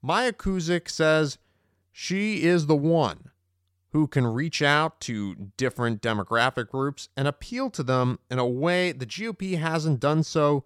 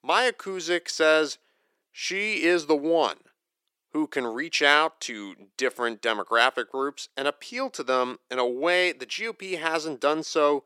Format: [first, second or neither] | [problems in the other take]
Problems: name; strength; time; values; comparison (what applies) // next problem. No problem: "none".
first | thin; somewhat; fading below 300 Hz